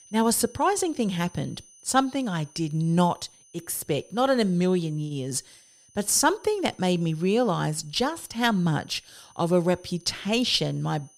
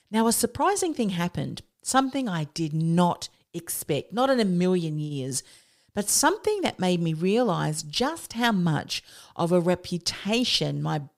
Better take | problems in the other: second | high-pitched whine; faint; throughout; 6 kHz, 25 dB below the speech

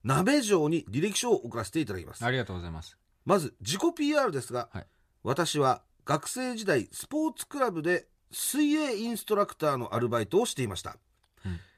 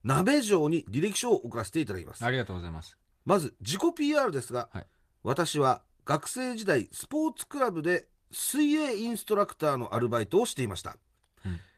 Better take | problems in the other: first | garbled, watery; slightly; nothing above 14.5 kHz

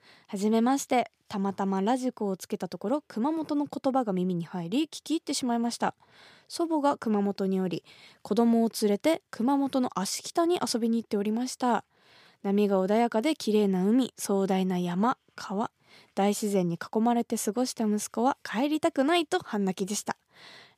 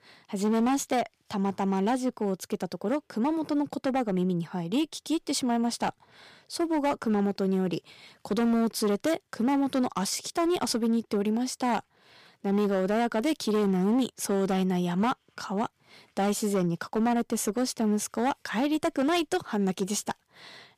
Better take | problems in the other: first | distortion; slight; 10% of the sound clipped

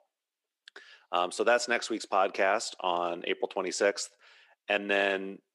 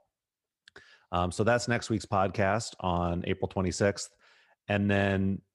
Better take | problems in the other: second | thin; very; fading below 300 Hz

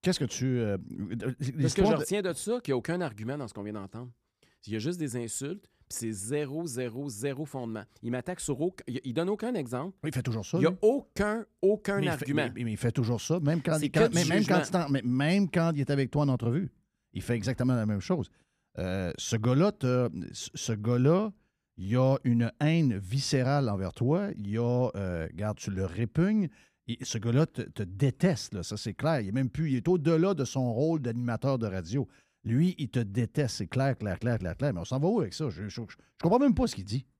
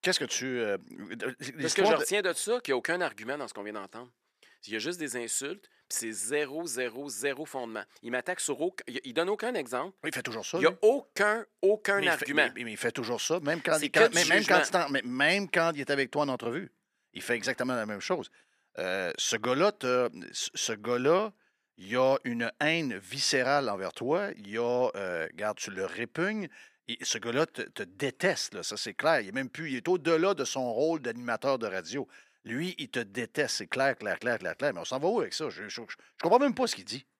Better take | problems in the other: first | thin; somewhat; fading below 450 Hz

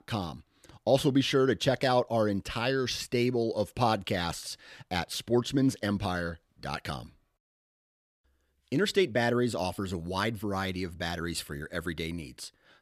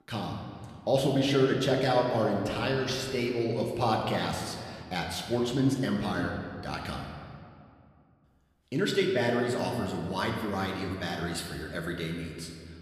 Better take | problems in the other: first | room echo; noticeable; dies away in 1.8 s // off-mic speech; somewhat distant

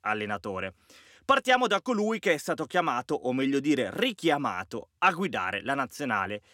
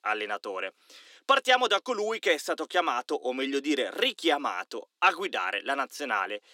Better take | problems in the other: first | thin; somewhat; fading below 300 Hz

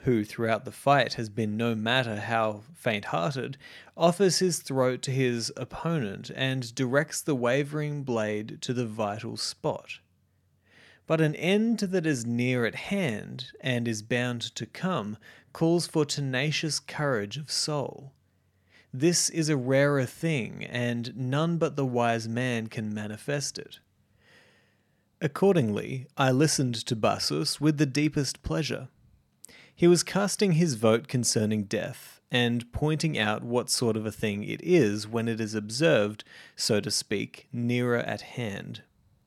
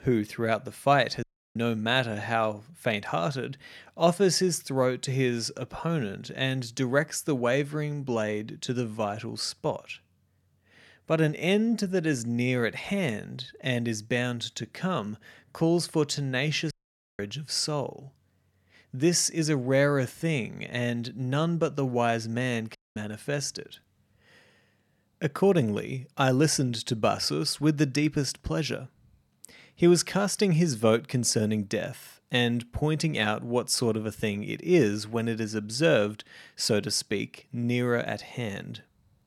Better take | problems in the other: first | audio cutting out; at 1 s, at 17 s and at 23 s

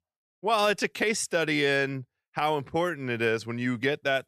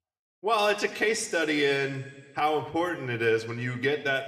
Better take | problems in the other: first | room echo; very slight; dies away in 1.3 s

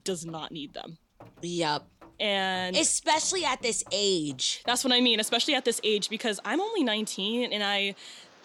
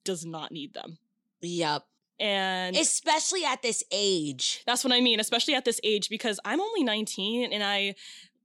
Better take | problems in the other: second | rain or running water; faint; throughout; 30 dB below the speech

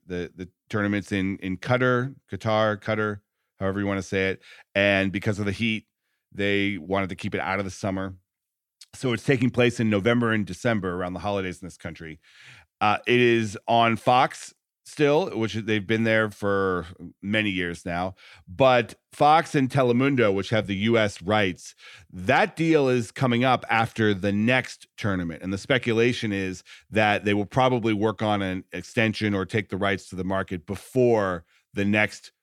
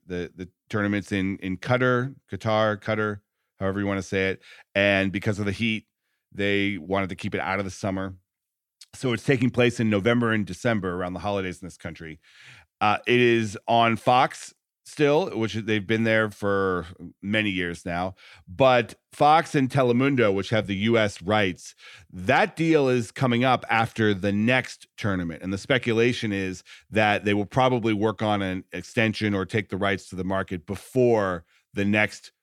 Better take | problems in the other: neither | none

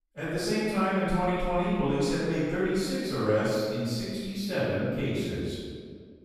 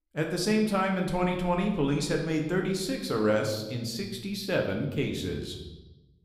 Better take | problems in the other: second | room echo; strong; dies away in 1.6 s; slight in the second // off-mic speech; far; somewhat distant in the second

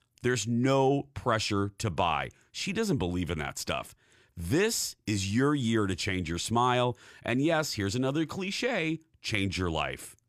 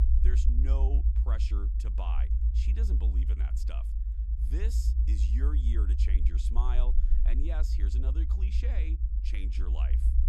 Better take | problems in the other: first | low rumble; loud; throughout; 3 dB below the speech

